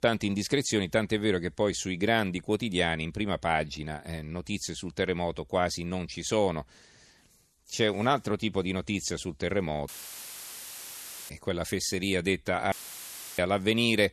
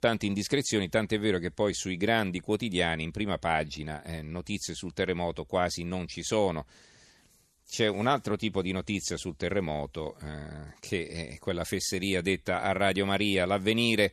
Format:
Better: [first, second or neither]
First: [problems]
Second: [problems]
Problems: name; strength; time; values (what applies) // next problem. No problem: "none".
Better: second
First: audio cutting out; filled with static; at 10 s for 1.5 s and at 13 s for 0.5 s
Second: none